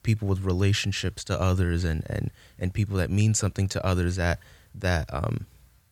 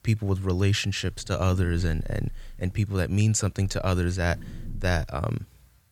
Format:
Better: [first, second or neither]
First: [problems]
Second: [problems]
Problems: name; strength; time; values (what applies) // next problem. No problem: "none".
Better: first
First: none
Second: low rumble; faint; from 1 to 3 s and from 3.5 to 5 s; 25 dB below the speech